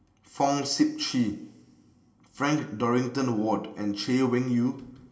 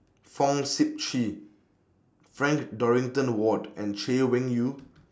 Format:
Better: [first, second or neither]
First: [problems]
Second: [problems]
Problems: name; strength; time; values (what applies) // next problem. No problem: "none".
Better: second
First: room echo; dies away in 1.3 s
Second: none